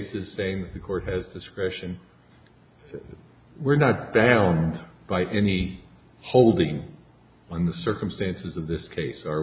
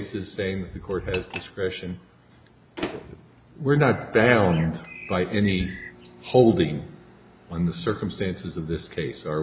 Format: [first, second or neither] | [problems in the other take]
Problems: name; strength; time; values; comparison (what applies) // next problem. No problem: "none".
first | background sound (Microwave oven + Bird); 18 dB below the speech